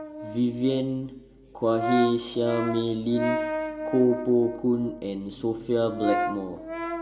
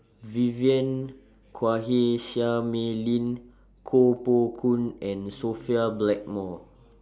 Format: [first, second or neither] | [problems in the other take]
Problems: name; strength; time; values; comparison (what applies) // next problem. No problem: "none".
second | background sound (Brass instrument); 6 dB below the speech // room echo; dies away in 2.6 s